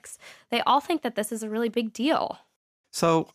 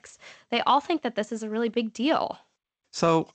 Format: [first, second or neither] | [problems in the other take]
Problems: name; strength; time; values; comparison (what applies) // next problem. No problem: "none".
first | garbled, watery; slightly; nothing above 8 kHz